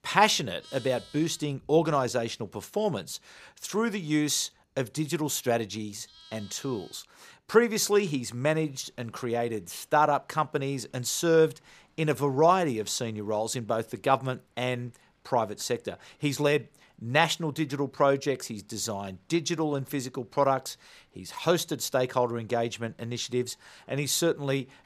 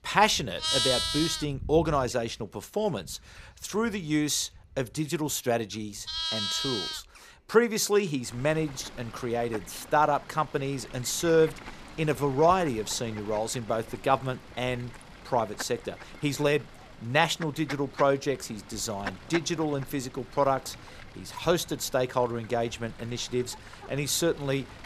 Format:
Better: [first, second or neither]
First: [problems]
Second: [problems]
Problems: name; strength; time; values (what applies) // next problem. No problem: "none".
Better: first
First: animal sounds; faint; throughout; 30 dB below the speech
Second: animal sounds; loud; throughout; 7 dB below the speech